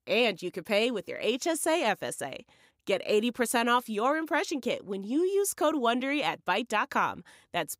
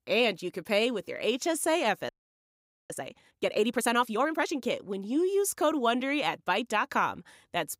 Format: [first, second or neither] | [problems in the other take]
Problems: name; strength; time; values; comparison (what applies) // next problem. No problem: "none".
first | audio freezing; at 2 s for 1 s